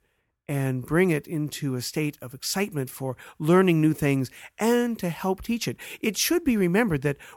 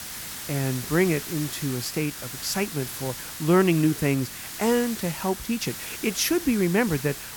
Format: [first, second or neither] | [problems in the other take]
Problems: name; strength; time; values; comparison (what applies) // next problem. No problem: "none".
first | hiss; loud; throughout; 8 dB below the speech